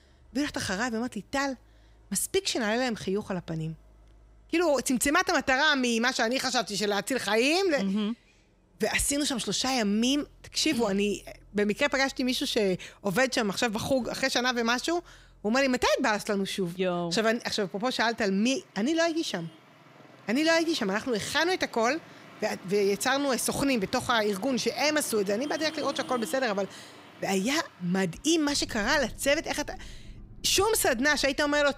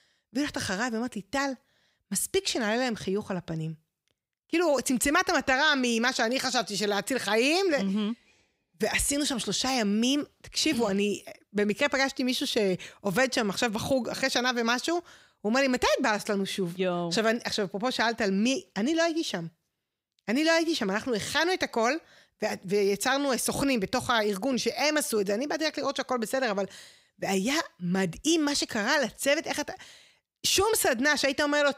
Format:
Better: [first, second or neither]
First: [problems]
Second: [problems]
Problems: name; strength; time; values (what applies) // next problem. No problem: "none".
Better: second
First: traffic noise; faint; throughout; 25 dB below the speech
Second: none